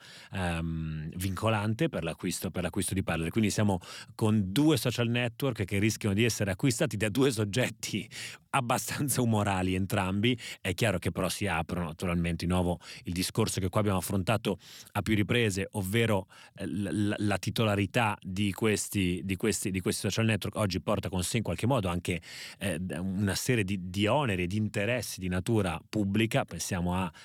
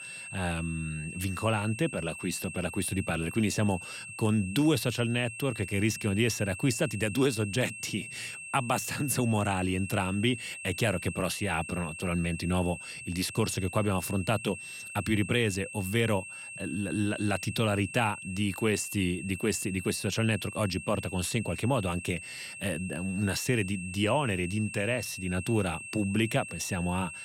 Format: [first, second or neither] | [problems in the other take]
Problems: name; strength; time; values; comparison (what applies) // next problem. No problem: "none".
first | high-pitched whine; loud; throughout; 2.5 kHz, 10 dB below the speech